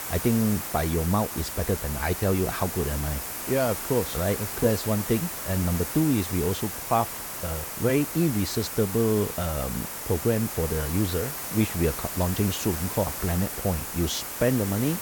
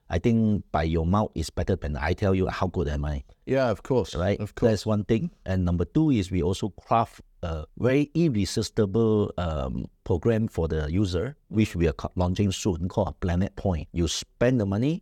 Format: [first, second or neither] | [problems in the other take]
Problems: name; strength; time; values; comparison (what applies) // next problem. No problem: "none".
second | hiss; loud; throughout; 5 dB below the speech